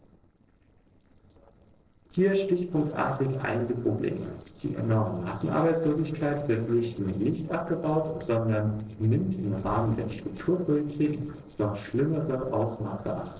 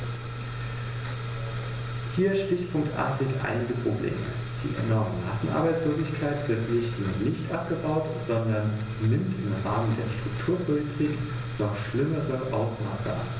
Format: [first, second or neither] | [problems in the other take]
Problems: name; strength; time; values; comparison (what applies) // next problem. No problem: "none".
second | noise reduction (neural separator model SepFormer DNS4)